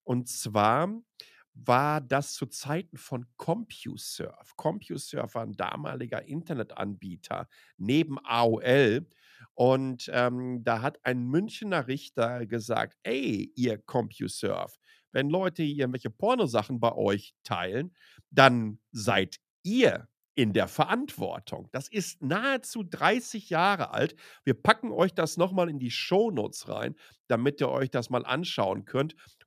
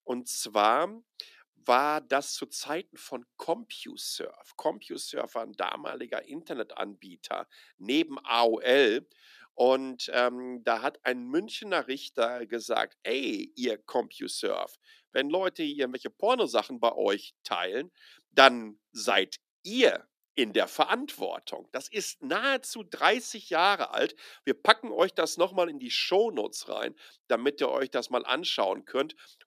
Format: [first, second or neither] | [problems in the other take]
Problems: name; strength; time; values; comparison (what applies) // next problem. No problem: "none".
first | thin; somewhat; fading below 300 Hz